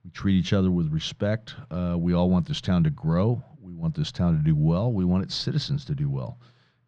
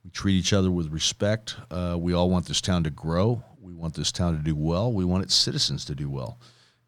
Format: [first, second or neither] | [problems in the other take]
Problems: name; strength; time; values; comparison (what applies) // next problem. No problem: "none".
second | muffled; slightly; fading above 3 kHz